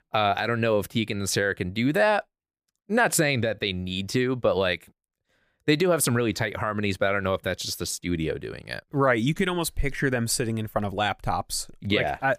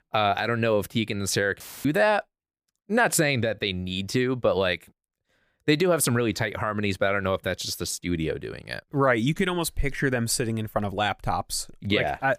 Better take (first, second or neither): first